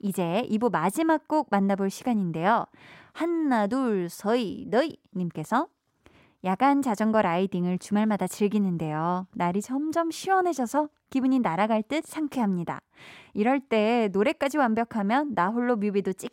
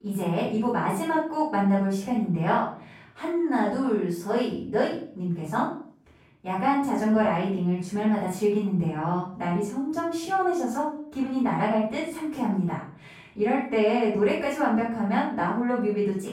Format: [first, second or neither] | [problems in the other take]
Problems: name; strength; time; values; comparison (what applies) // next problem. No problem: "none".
first | off-mic speech; far // room echo; noticeable; dies away in 0.5 s